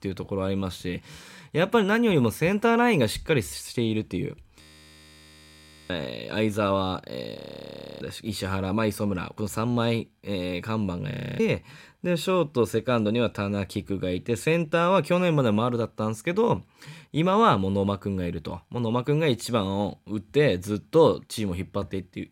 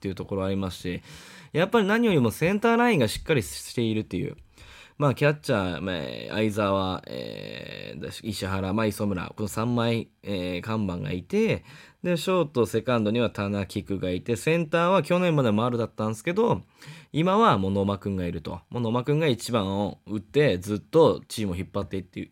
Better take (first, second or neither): second